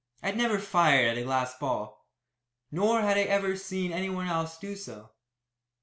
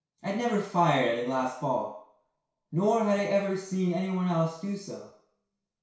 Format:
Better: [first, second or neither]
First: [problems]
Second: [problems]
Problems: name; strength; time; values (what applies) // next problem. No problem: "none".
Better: first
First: none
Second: room echo; dies away in 0.6 s